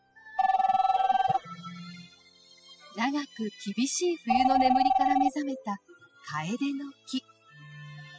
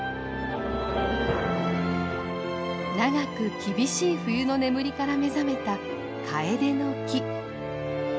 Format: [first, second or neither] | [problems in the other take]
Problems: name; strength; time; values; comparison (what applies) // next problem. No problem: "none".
second | noise reduction (classical method spectral subtraction)